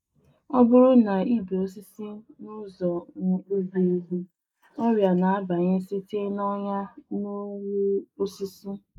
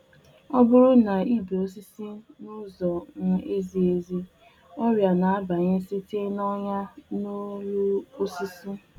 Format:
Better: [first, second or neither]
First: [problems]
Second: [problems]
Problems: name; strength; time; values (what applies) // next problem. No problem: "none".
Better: second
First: noise reduction (neural mask model Resemble Enhance denoiser)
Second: none